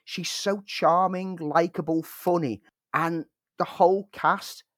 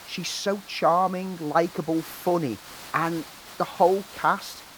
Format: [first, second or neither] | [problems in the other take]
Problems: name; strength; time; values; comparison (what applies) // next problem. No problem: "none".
first | hiss; noticeable; throughout; 15 dB below the speech